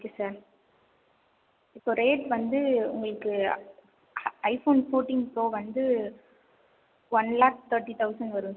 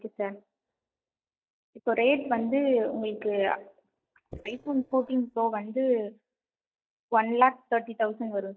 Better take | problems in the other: first | noise reduction (neural mask model DeepFilterNet 3)

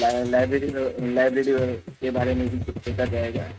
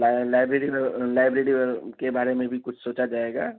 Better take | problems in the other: second | noise reduction (neural mask model RNNoise)

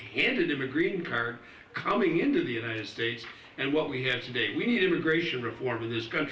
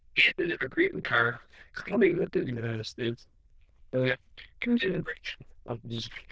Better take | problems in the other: first | noise reduction (neural diffusion model UNIVERSE++)

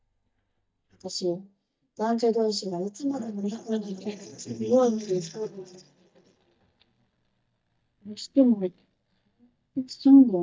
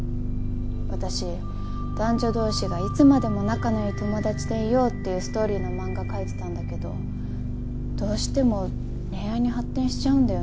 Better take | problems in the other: second | noise reduction (neural mask model DeepFilterNet 3)

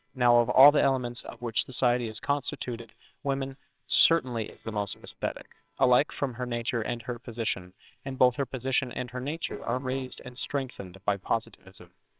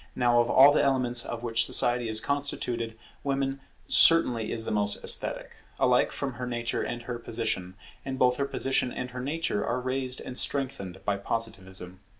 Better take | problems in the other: second | noise reduction (neural separator model SepFormer WHAMR!)

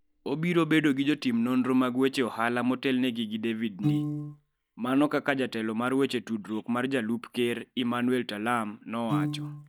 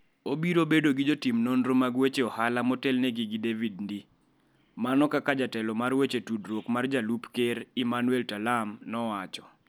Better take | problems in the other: second | noise reduction (neural mask model DeepFilterNet 3)

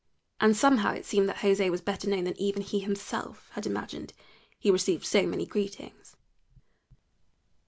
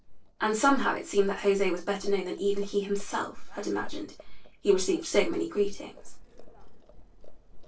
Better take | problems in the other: first | noise reduction (neural separator model SepFormer DNS4)

